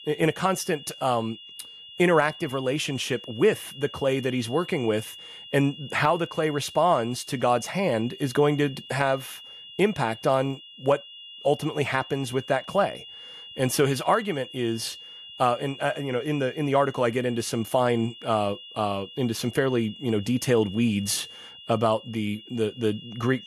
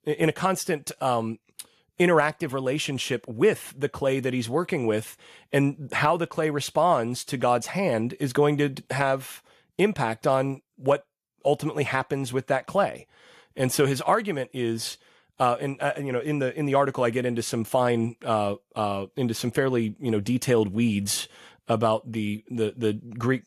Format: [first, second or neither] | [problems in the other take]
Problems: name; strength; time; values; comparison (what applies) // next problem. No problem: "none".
second | high-pitched whine; noticeable; throughout; 3 kHz, 15 dB below the speech